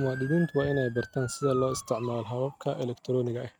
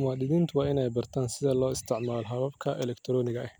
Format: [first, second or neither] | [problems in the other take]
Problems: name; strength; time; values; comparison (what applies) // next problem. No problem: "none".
second | noise reduction (neural mask model RNNoise)